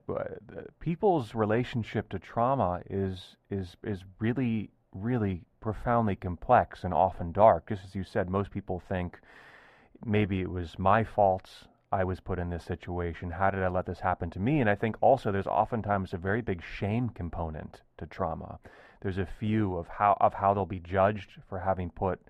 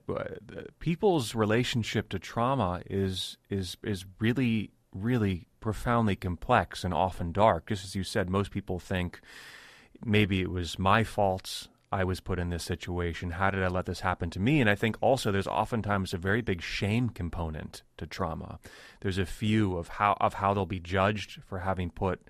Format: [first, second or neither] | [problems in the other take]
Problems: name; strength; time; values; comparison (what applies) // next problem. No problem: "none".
second | muffled; very; fading above 3 kHz